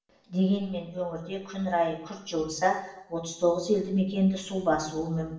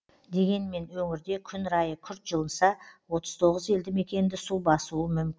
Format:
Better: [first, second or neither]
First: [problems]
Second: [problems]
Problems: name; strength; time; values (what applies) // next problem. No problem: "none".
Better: second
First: room echo; dies away in 0.8 s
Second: none